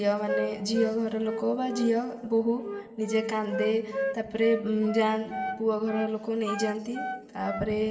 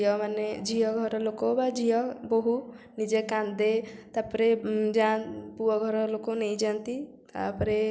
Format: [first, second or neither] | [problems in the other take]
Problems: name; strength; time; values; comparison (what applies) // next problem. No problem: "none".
second | background sound (Wind instrument, woodwind instrument); 8 dB below the speech // room echo; dies away in 1.8 s